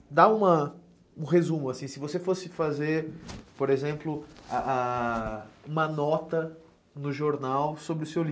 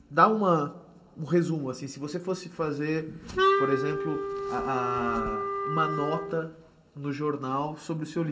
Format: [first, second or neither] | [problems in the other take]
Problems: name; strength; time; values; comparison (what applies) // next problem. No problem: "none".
first | background sound (Wind instrument, woodwind instrument); as loud as the speech // room echo; dies away in 0.6 s